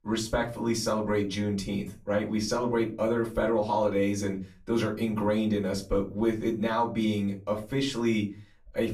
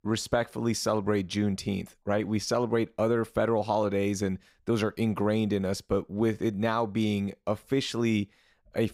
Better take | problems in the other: second | off-mic speech; far // room echo; very slight; dies away in 0.3 s

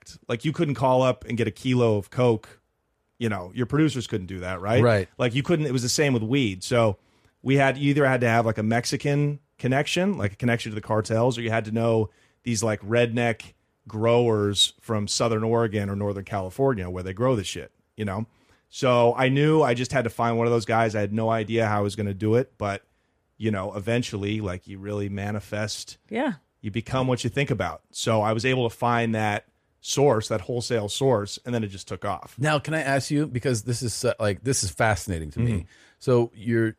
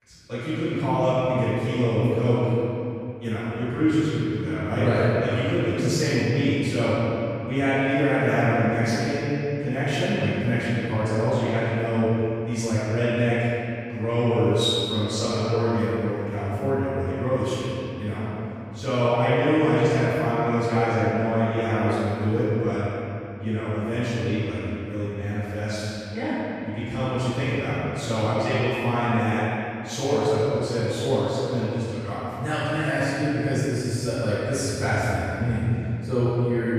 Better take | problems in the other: first | room echo; strong; dies away in 2.7 s // off-mic speech; far

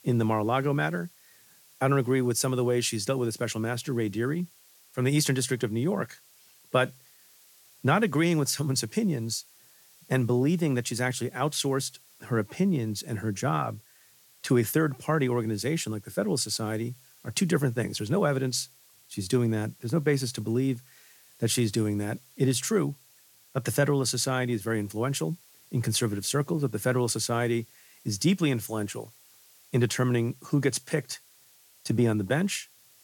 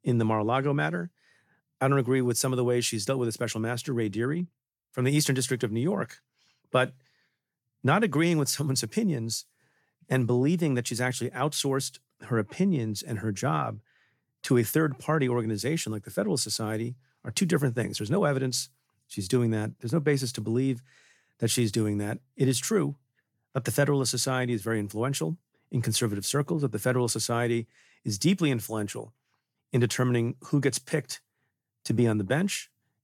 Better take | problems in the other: second | hiss; faint; throughout; 25 dB below the speech

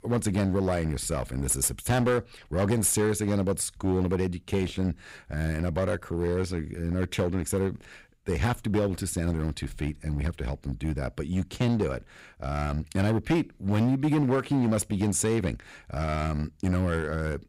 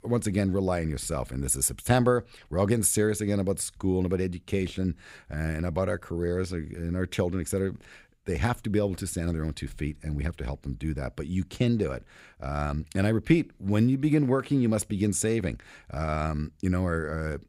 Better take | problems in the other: second | distortion; slight; 8% of the sound clipped

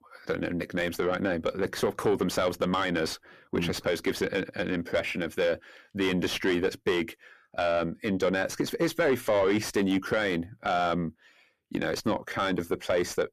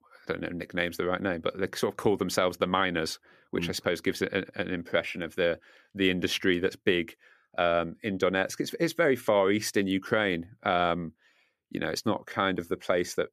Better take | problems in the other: second | distortion; heavy; 8 dB below the speech

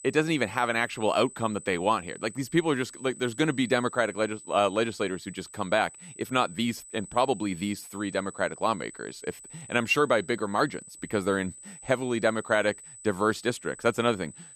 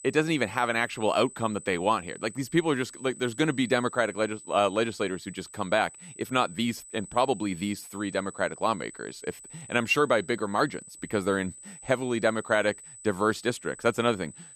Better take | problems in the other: neither | high-pitched whine; noticeable; throughout; 8 kHz, 15 dB below the speech; the same in both

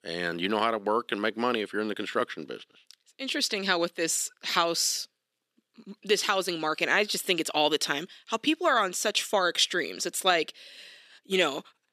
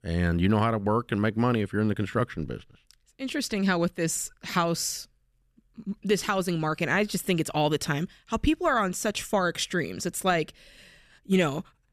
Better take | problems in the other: second | thin; somewhat; fading below 300 Hz

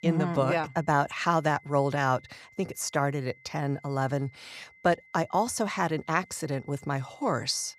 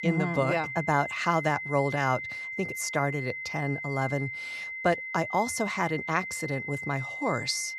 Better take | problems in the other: first | high-pitched whine; loud; throughout; 2 kHz, 5 dB below the speech; faint in the first

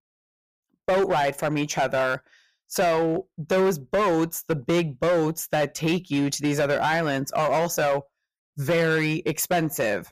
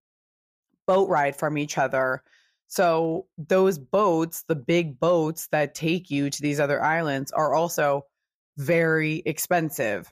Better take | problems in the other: second | distortion; slight; 12% of the sound clipped

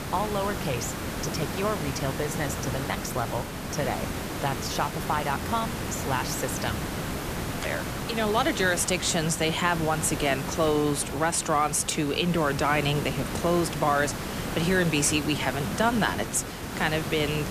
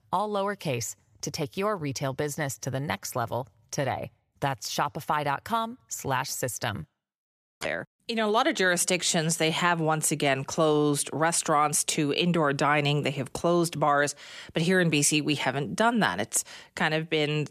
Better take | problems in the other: second | hiss; loud; throughout; 5 dB below the speech

